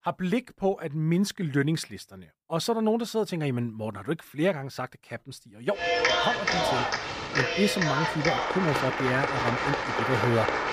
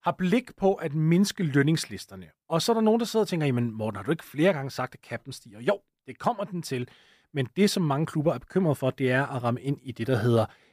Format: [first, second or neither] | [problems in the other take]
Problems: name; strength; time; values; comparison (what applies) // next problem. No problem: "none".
second | crowd noise; very loud; from 6 s on; 2 dB above the speech